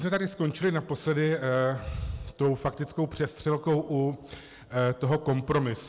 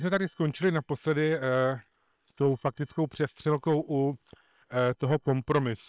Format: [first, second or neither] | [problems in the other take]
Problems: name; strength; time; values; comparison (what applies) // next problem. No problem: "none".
first | noise reduction (neural separator model SepFormer WHAM!)